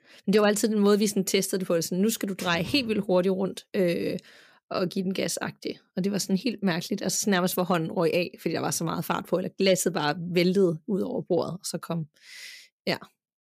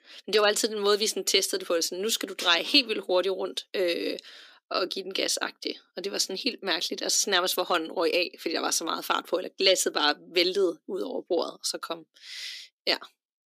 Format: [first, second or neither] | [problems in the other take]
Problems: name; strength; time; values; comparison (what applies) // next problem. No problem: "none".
first | thin; somewhat; fading below 250 Hz